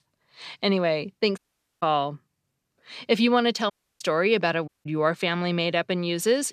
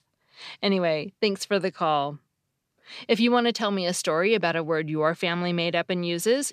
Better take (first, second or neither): second